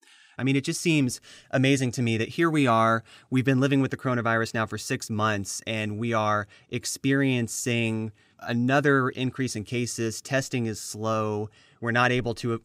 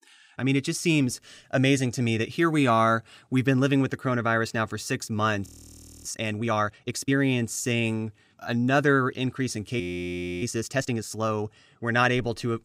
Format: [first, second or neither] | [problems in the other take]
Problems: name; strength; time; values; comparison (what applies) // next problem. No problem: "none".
first | audio freezing; at 5.5 s for 0.5 s and at 10 s for 0.5 s